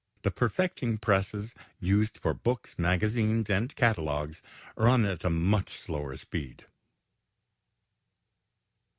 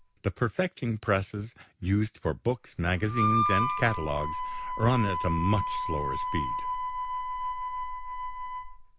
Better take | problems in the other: first | background sound (Harmonica); 2 dB below the speech

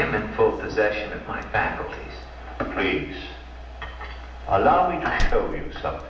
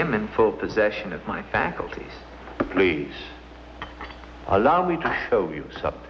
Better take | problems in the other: second | background sound (Slam); 8 dB below the speech // room echo; dies away in 0.6 s

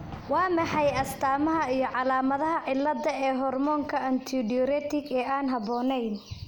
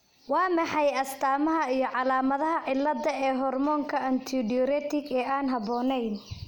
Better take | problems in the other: second | background sound (Thunder); 18 dB below the speech

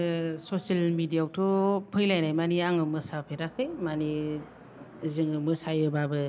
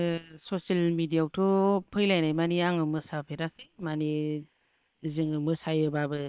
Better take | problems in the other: first | noise reduction (neural separator model SepFormer WHAM!)

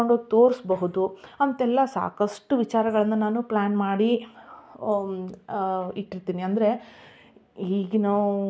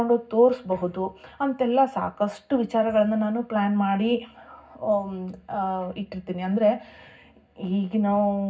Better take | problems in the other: first | room echo; dies away in 0.4 s

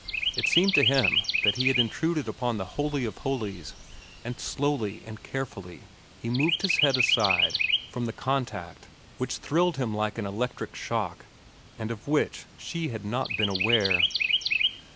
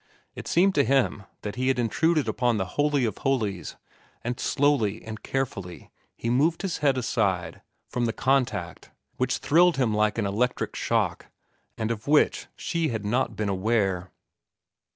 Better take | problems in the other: second | background sound (Chirp, tweet); 1 dB below the speech

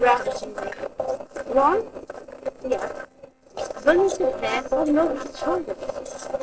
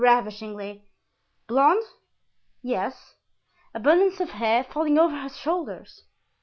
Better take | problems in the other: second | noise reduction (neural separator model SepFormer DNS4)

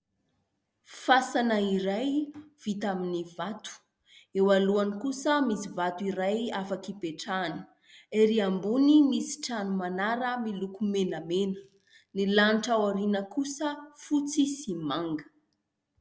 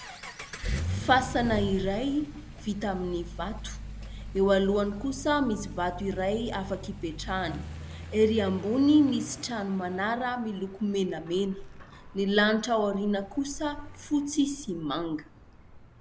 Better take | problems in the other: first | background sound (Accelerating, revving, vroom); 11 dB below the speech

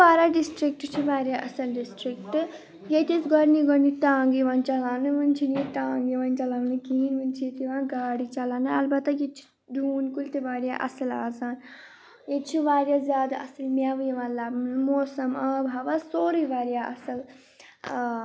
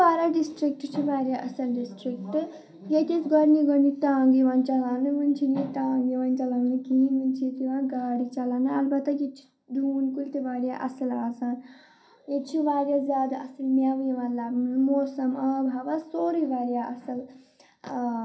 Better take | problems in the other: first | room echo; dies away in 0.3 s

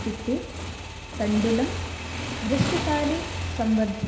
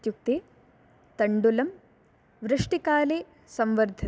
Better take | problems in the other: second | background sound (Motorcycle / Engine); 5 dB below the speech // room echo; dies away in 0.9 s

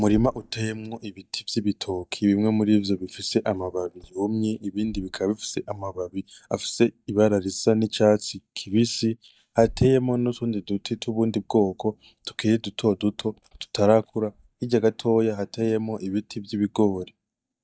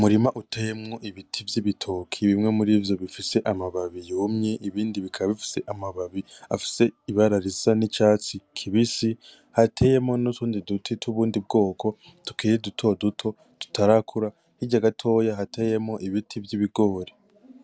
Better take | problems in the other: second | noise reduction (neural mask model DeepFilterNet 3)

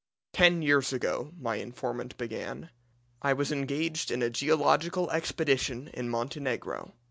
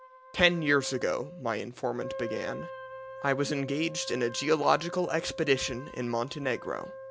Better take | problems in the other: first | background sound (Wind instrument, woodwind instrument); 12 dB below the speech

